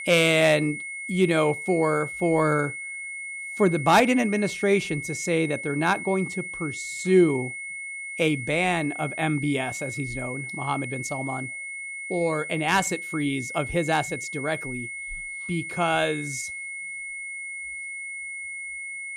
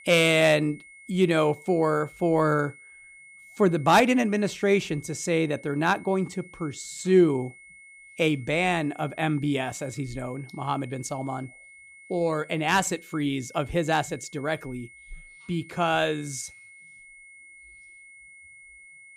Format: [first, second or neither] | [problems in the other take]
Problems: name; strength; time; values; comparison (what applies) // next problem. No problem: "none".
second | high-pitched whine; loud; throughout; 2 kHz, 8 dB below the speech; faint in the second